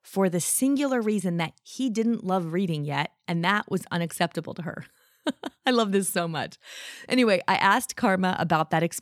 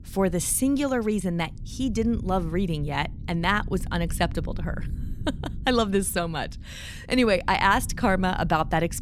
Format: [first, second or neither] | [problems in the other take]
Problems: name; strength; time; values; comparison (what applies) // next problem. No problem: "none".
first | low rumble; faint; throughout; 25 dB below the speech